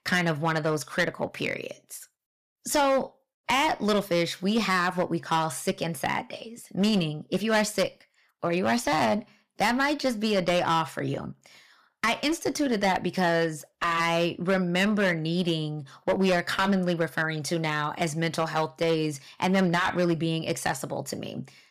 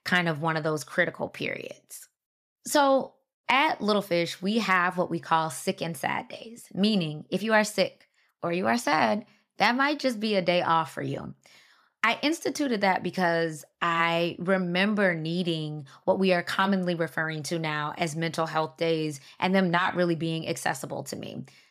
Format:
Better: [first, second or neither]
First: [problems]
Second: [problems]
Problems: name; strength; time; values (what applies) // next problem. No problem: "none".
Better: second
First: distortion; slight; 8% of the sound clipped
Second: none